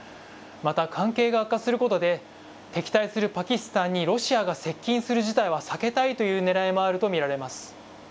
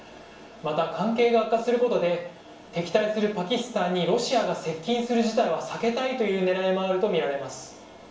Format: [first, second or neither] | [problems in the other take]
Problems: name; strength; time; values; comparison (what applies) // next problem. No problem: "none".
first | room echo; dies away in 0.6 s